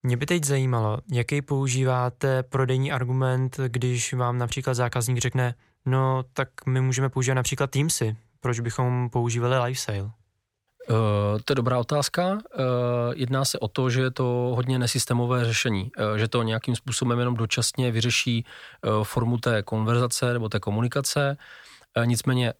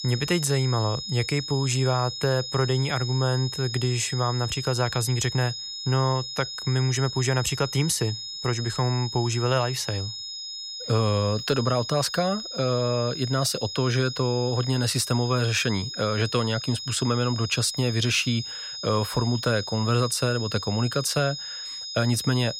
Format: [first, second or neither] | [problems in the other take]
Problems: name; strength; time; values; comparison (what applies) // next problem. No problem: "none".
first | high-pitched whine; loud; throughout; 5 kHz, 7 dB below the speech